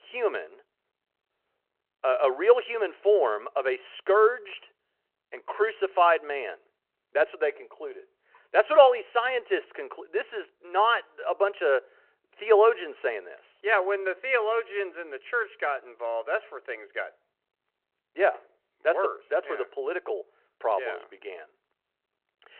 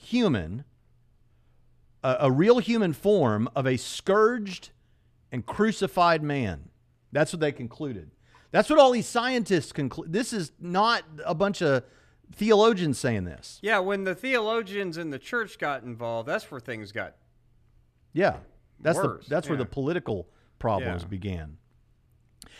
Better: second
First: phone-call audio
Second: none

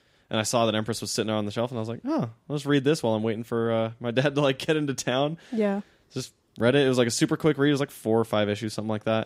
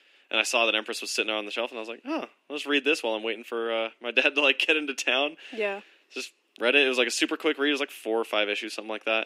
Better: first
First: none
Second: thin; somewhat; fading below 300 Hz

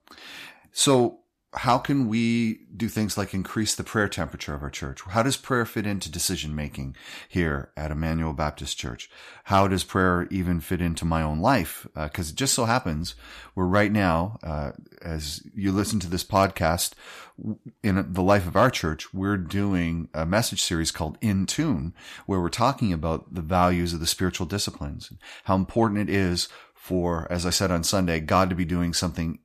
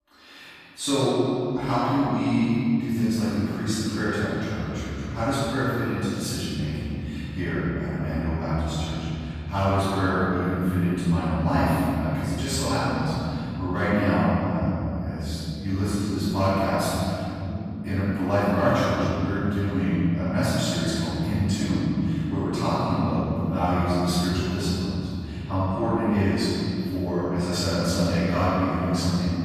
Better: first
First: none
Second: room echo; strong; dies away in 3 s // off-mic speech; far

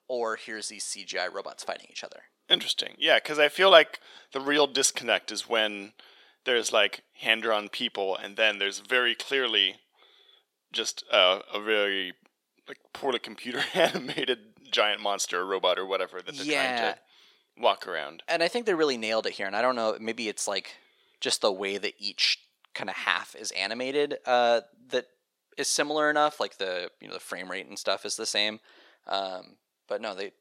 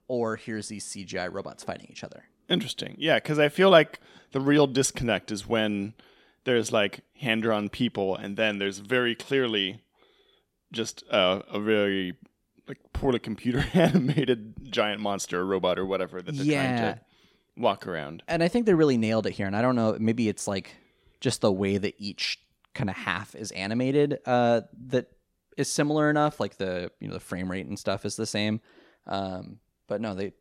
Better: second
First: thin; somewhat; fading below 550 Hz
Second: none

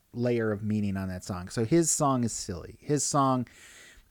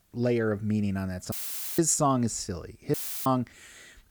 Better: first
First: none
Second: audio cutting out; filled with static; at 1.5 s and at 3 s

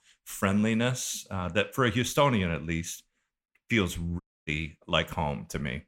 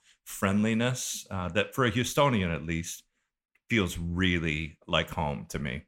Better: second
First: audio cutting out; at 4 s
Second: none

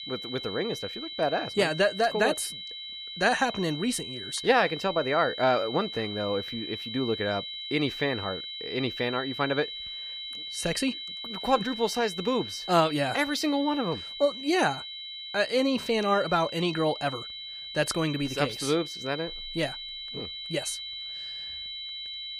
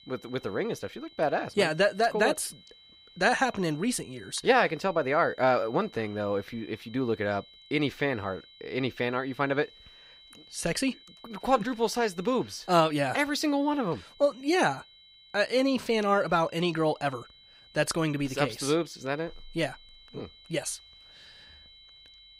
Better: second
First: high-pitched whine; loud; throughout; 4 kHz, 8 dB below the speech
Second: high-pitched whine; faint; throughout; 4 kHz, 25 dB below the speech

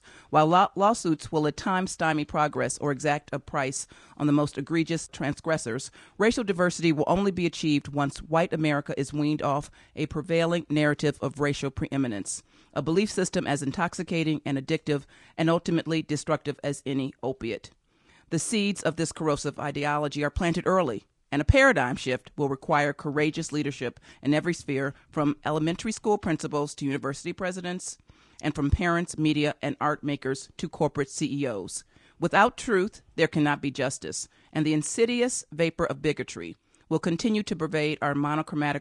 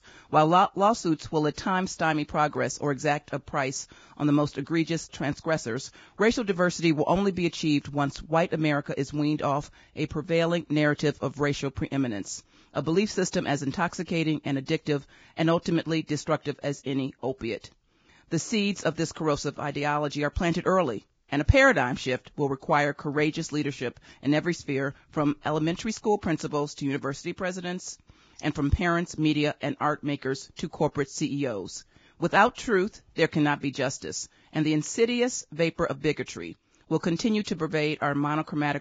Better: first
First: garbled, watery; slightly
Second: garbled, watery; badly; nothing above 7.5 kHz

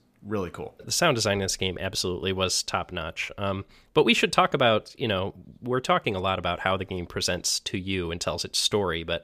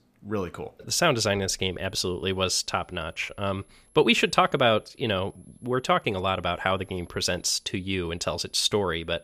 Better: first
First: none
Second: high-pitched whine; faint; from 1.5 s on; 11 kHz, 35 dB below the speech

